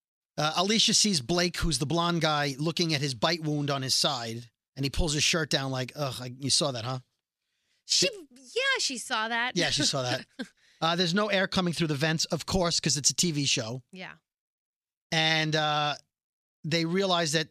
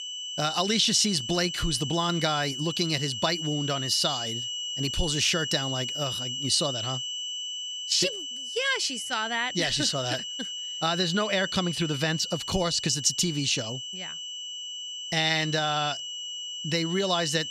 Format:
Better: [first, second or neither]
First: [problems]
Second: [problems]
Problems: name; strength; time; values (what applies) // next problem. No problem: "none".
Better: first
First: none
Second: high-pitched whine; loud; throughout; 3 kHz, 6 dB below the speech